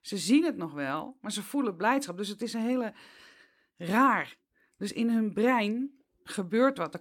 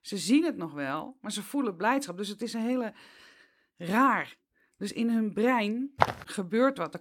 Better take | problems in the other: first | footsteps; loud; at 6 s; peak level with the speech

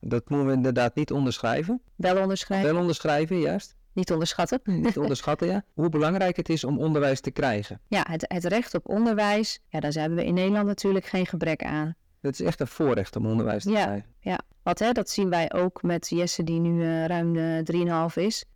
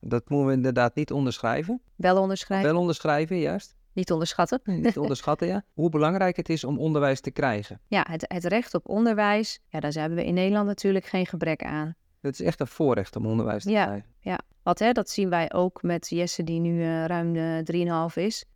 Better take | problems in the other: second | distortion; slight; 10 dB below the speech

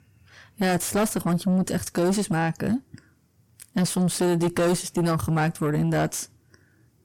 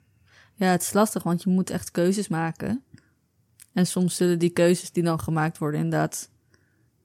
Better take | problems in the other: second | distortion; heavy; 7 dB below the speech

